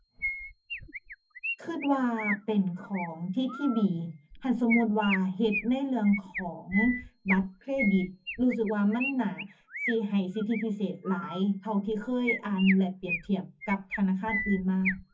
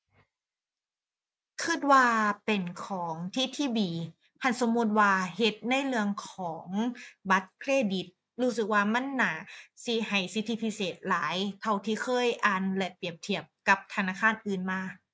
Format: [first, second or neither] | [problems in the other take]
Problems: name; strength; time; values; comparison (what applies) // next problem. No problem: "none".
second | background sound (Chirp, tweet); 9 dB below the speech // room echo; dies away in 0.3 s